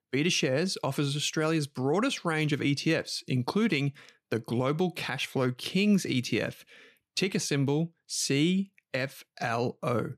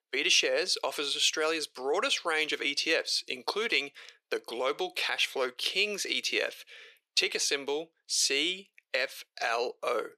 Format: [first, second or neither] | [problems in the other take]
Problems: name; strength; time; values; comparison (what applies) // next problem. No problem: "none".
first | thin; very; fading below 450 Hz